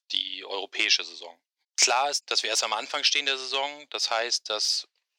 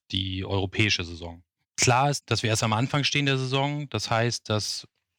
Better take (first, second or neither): second